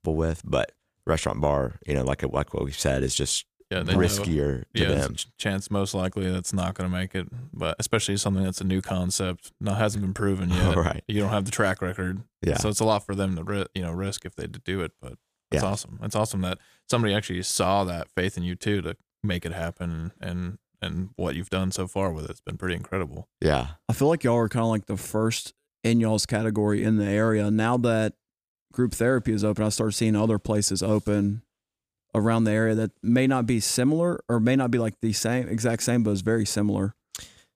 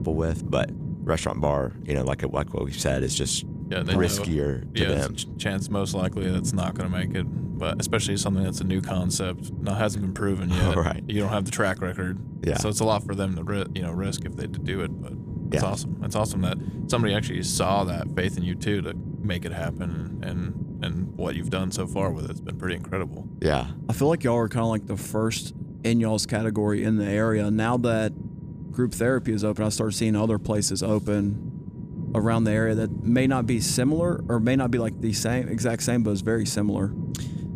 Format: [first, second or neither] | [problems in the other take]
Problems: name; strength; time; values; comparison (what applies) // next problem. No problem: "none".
first | low rumble; noticeable; throughout; 15 dB below the speech